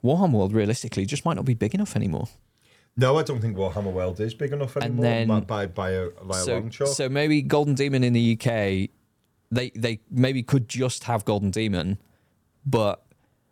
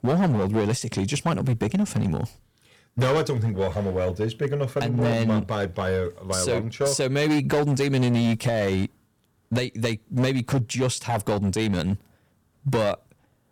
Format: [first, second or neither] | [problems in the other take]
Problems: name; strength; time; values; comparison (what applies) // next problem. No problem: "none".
first | distortion; slight; 10% of the sound clipped